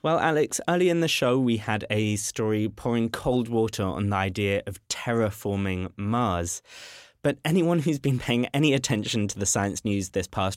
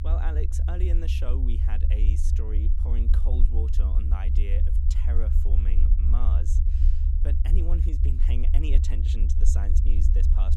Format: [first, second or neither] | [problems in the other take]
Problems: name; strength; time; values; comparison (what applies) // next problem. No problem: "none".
first | low rumble; loud; throughout; 2 dB below the speech